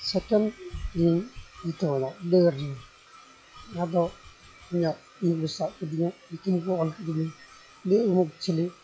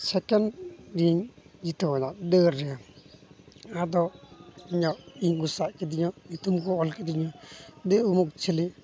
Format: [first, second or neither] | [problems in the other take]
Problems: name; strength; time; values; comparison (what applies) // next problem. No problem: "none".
second | noise reduction (classical method log-MMSE)